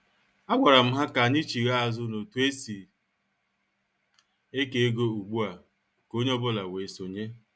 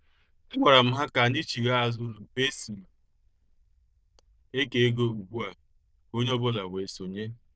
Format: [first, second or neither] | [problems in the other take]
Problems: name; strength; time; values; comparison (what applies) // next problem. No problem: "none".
first | noise reduction (neural diffusion model UNIVERSE++)